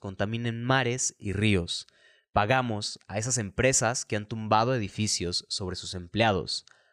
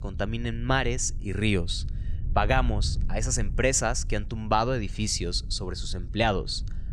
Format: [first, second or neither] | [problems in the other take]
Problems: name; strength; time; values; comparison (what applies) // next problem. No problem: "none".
first | low rumble; faint; throughout; 25 dB below the speech